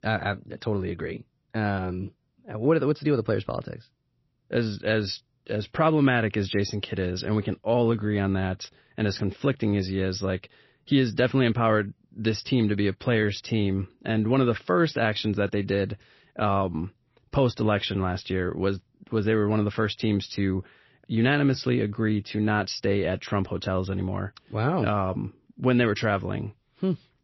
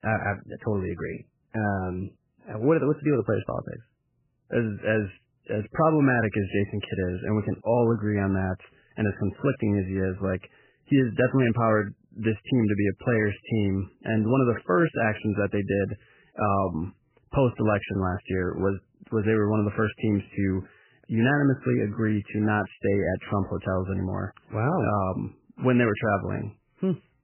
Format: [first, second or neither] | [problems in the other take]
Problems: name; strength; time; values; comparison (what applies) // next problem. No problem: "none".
first | garbled, watery; badly; nothing above 3 kHz; slightly in the first